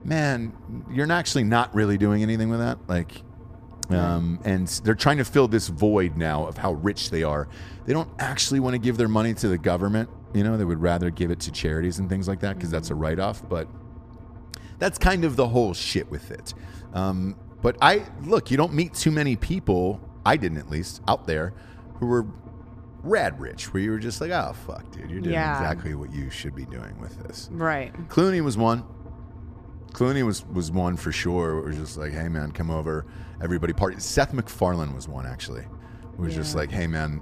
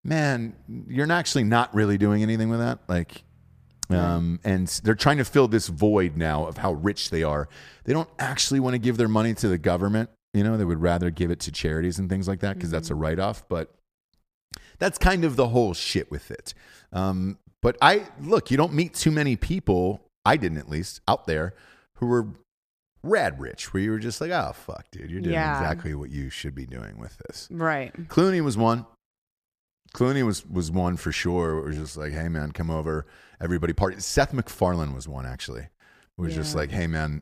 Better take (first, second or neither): second